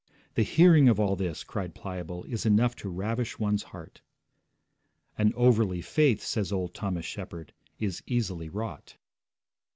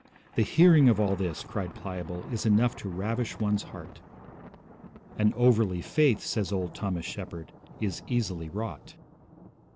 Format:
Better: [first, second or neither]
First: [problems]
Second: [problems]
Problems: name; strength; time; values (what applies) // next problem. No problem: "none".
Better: first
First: none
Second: background sound (Thunder); 19 dB below the speech